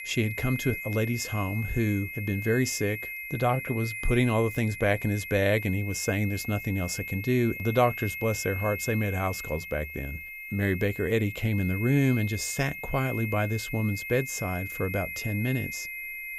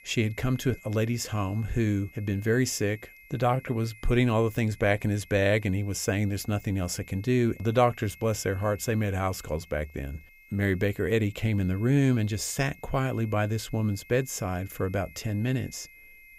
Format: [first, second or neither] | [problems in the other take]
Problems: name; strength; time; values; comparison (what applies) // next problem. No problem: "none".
second | high-pitched whine; loud; throughout; 2 kHz, 7 dB below the speech; faint in the second